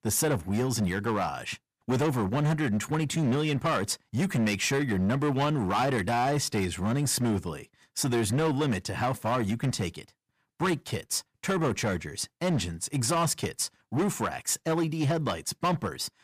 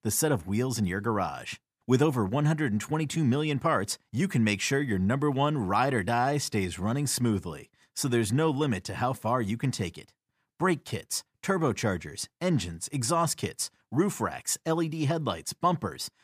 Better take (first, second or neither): second